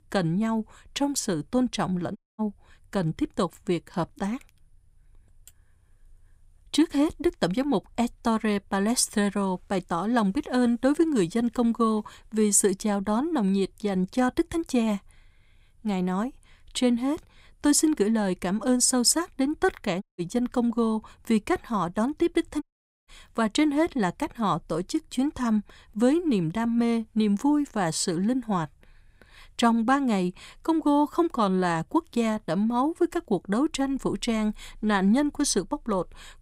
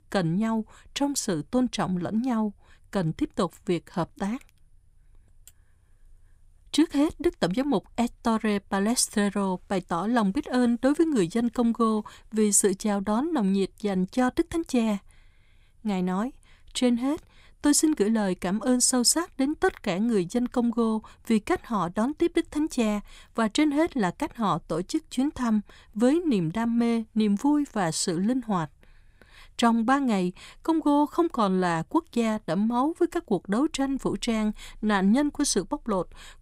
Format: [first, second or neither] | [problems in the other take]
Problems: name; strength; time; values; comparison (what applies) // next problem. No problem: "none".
second | audio cutting out; at 2 s, at 20 s and at 23 s